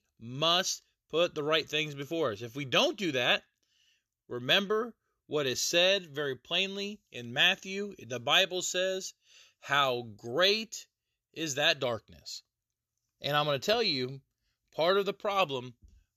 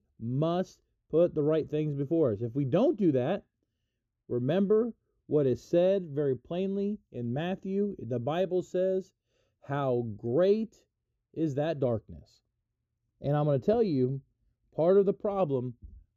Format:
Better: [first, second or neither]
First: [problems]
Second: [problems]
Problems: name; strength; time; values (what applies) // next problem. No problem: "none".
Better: first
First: none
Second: muffled; very; fading above 1 kHz